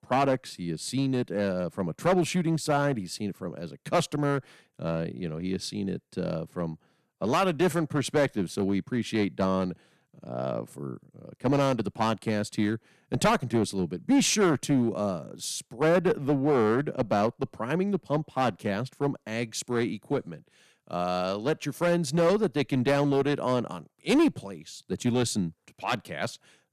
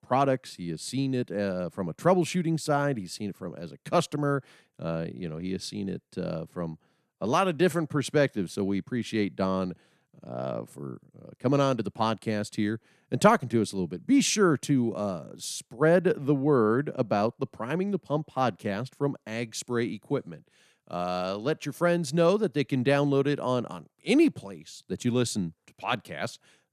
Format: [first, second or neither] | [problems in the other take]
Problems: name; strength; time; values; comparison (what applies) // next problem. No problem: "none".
second | distortion; slight; 4% of the sound clipped